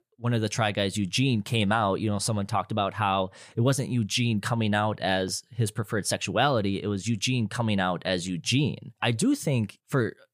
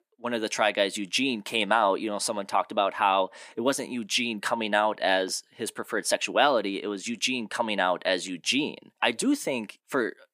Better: first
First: none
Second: thin; somewhat; fading below 250 Hz

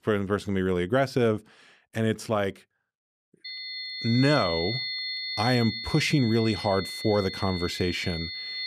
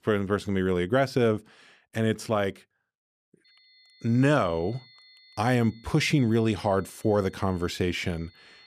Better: second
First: high-pitched whine; loud; from 3.5 s on; 4.5 kHz, 6 dB below the speech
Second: high-pitched whine; faint; from 3.5 s on; 4.5 kHz, 30 dB below the speech

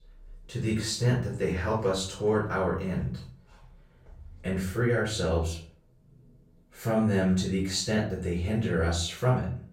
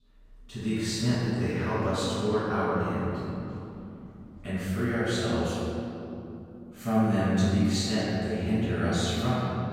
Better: first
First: room echo; slight; dies away in 0.4 s // off-mic speech; far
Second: room echo; strong; dies away in 3 s // off-mic speech; far

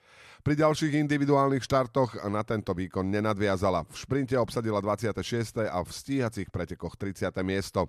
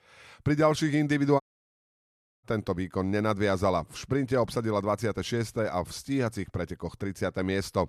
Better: first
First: none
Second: audio cutting out; at 1.5 s for 1 s

